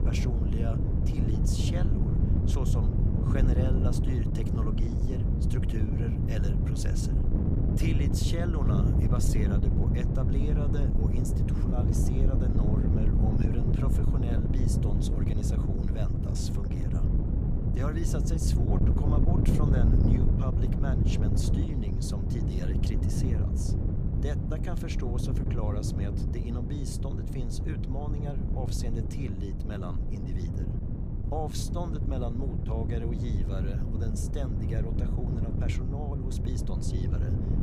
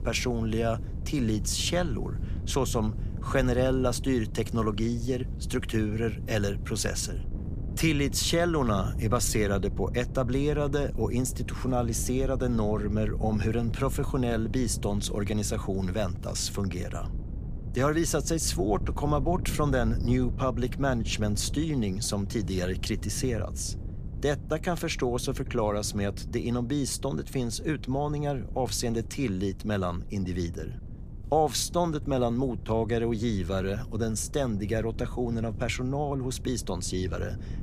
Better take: second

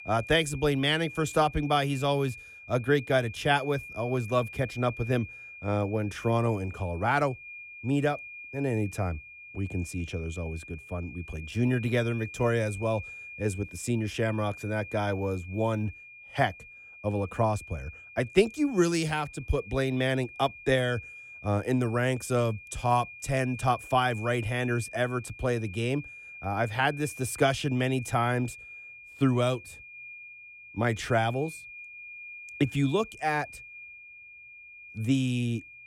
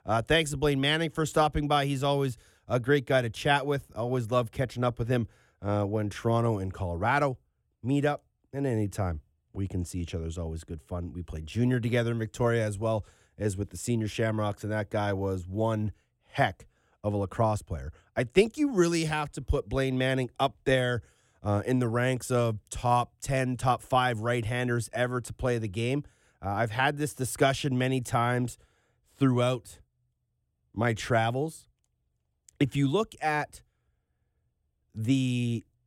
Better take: second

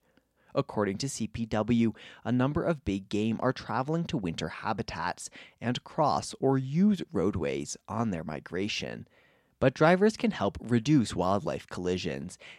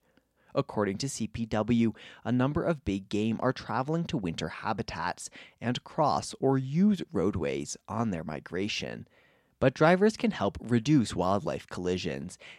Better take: neither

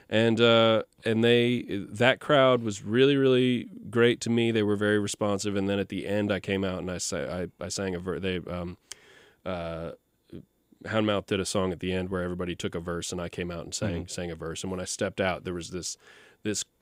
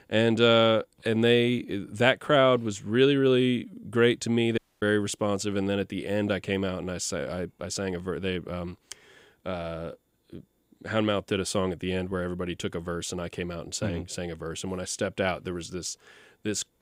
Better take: first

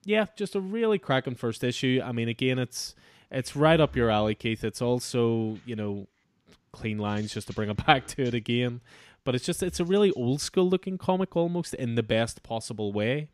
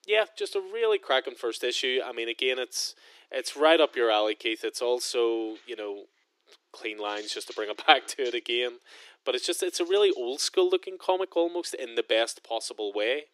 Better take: first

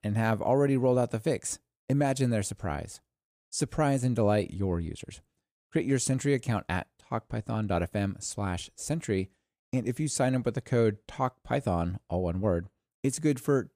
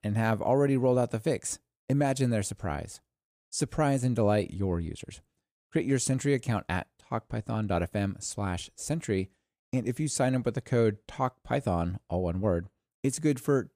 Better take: neither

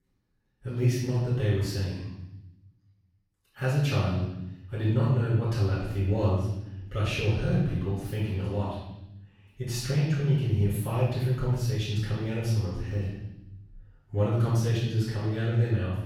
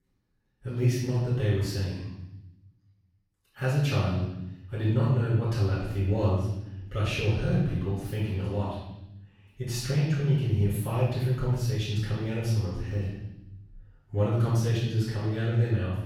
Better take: neither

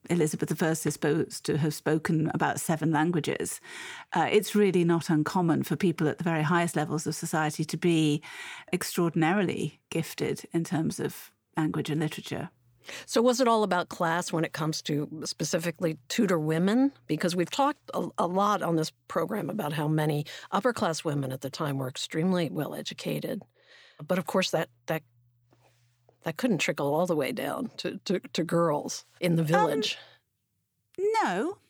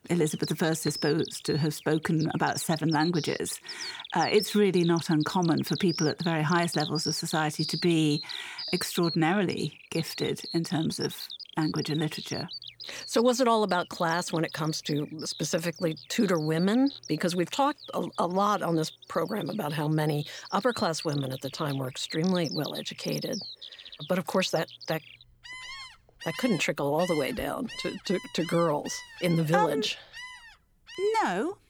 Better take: first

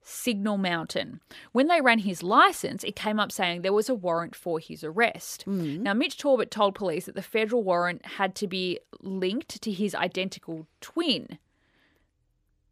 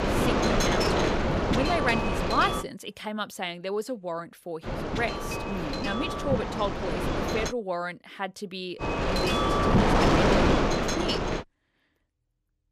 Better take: first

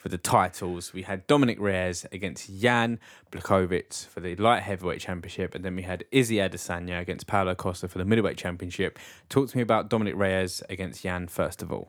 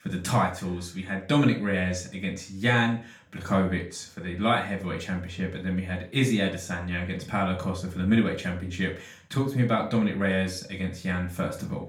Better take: first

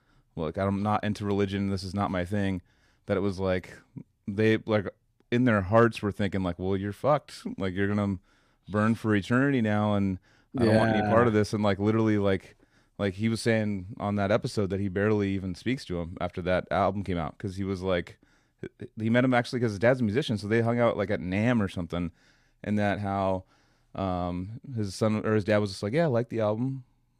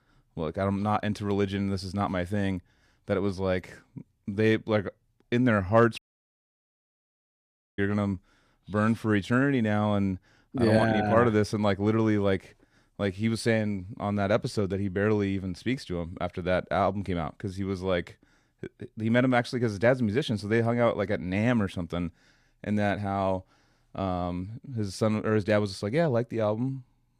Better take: first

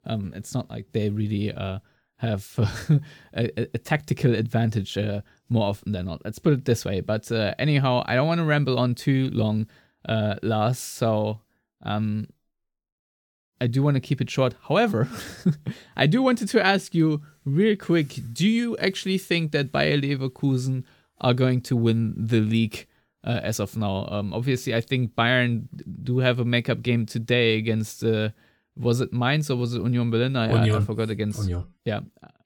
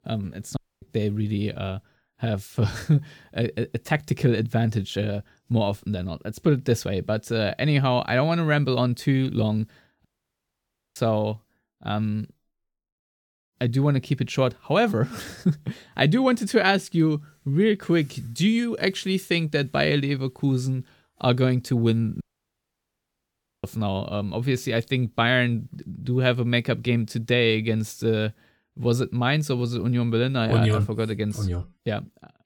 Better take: first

